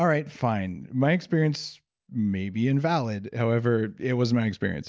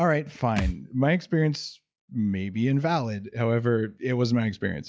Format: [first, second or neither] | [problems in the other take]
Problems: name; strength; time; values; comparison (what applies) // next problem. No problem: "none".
first | noise reduction (classical method log-MMSE)